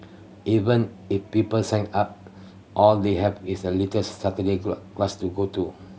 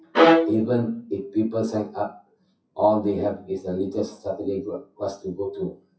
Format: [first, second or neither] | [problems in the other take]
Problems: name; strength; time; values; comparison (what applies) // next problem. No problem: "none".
first | noise reduction (classical method WPE with log-MMSE)